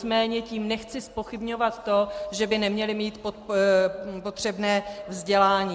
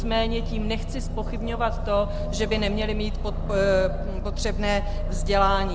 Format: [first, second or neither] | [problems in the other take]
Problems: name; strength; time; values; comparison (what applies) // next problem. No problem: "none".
first | background sound (Aircraft); as loud as the speech